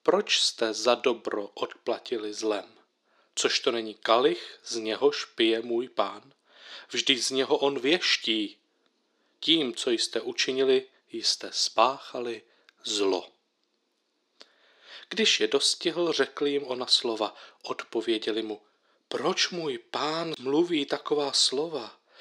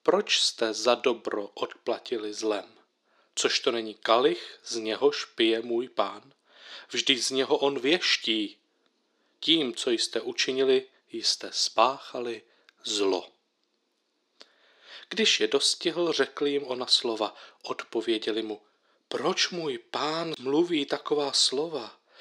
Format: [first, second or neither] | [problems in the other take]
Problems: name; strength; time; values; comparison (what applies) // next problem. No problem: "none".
neither | thin; somewhat; fading below 300 Hz; the same in both